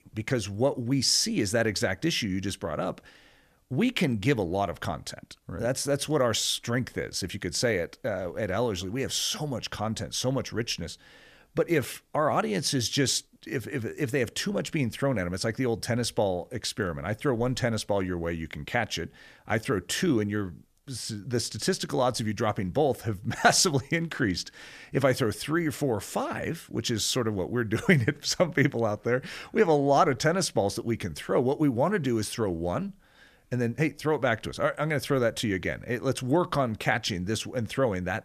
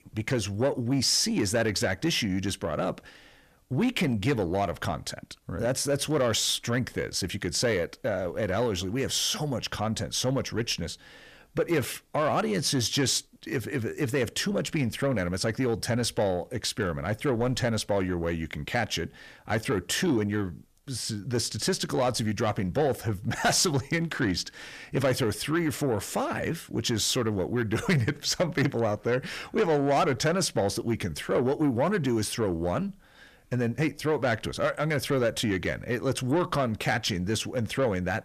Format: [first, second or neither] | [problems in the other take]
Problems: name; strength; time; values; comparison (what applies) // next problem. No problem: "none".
first | distortion; slight; 10 dB below the speech